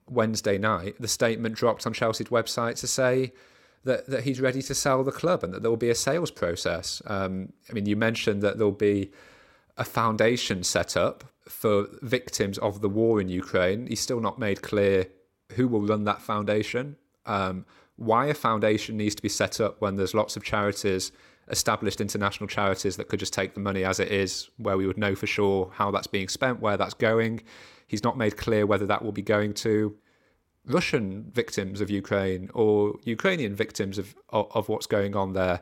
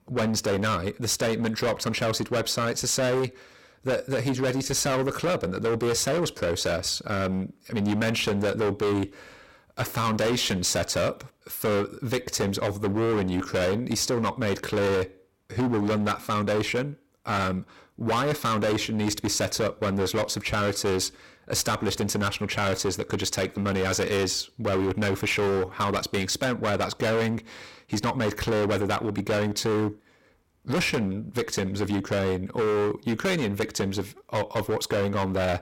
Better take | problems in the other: first | distortion; heavy; 21% of the sound clipped

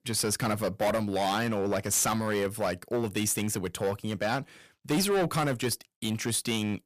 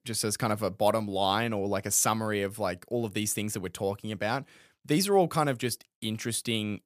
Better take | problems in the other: second | distortion; heavy; 11% of the sound clipped

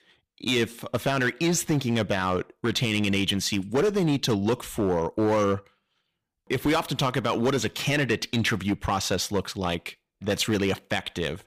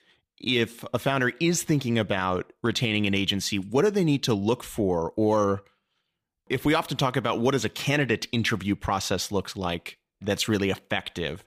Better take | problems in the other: second | distortion; slight; 8% of the sound clipped

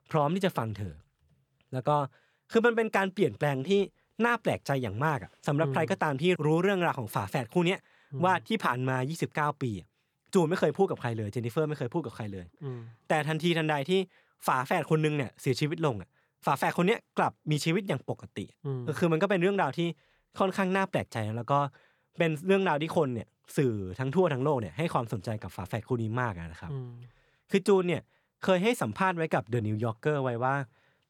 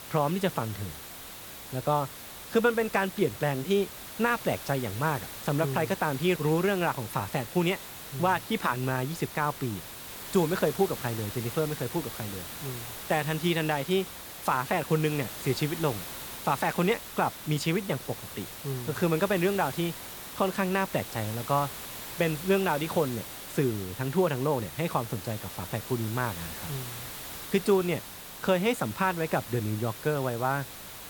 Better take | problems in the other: first | hiss; loud; throughout; 10 dB below the speech

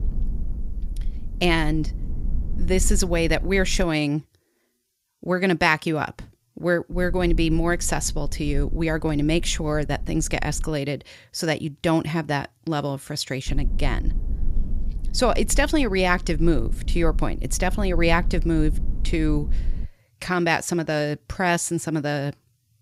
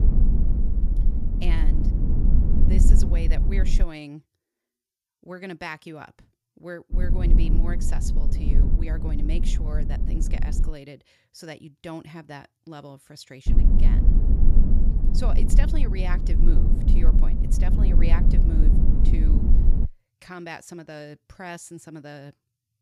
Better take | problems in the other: first | low rumble; loud; until 4 s, from 7 to 11 s and from 13 to 20 s; as loud as the speech; faint in the first

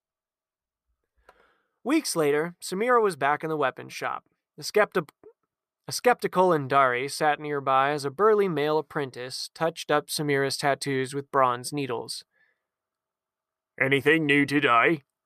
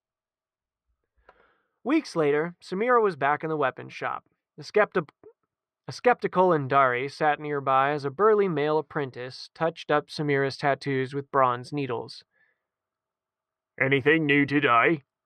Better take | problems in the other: first | muffled; very slightly; fading above 3.5 kHz

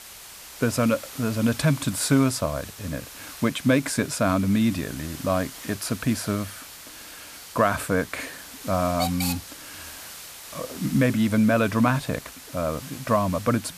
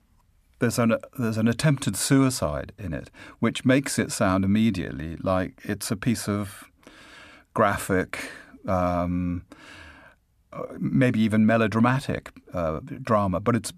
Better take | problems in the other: second | hiss; noticeable; throughout; 15 dB below the speech

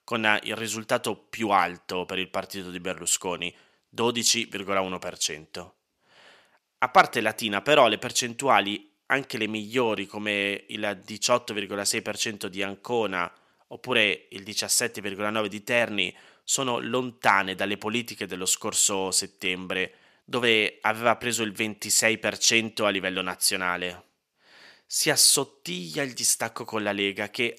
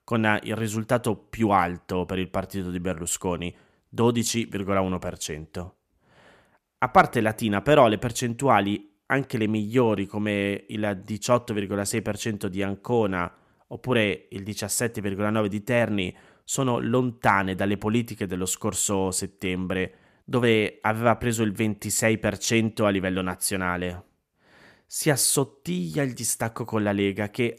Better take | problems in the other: second | thin; very slightly; fading below 950 Hz

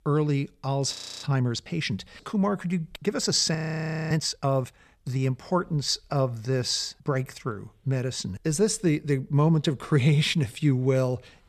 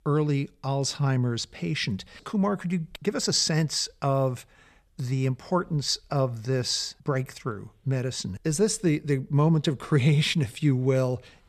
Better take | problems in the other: second | audio freezing; at 1 s and at 3.5 s for 0.5 s

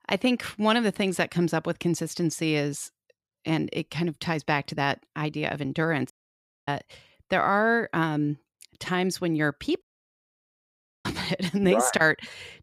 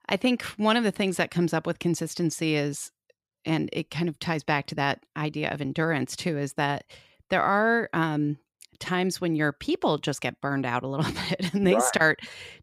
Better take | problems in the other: second | audio cutting out; at 6 s for 0.5 s and at 10 s for 1 s

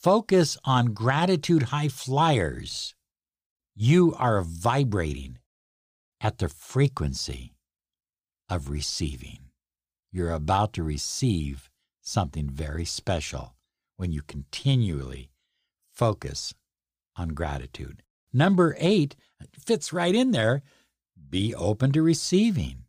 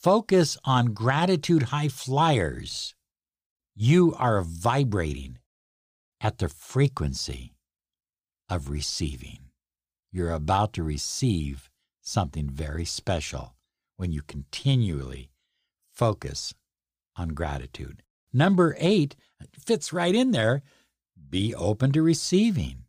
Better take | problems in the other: neither | none

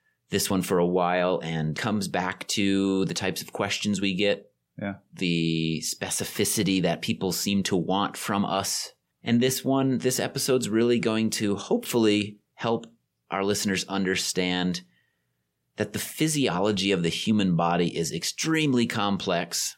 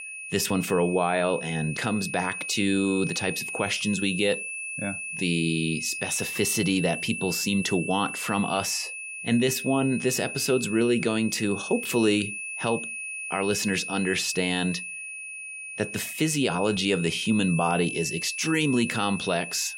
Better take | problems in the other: first | high-pitched whine; loud; throughout; 2.5 kHz, 6 dB below the speech

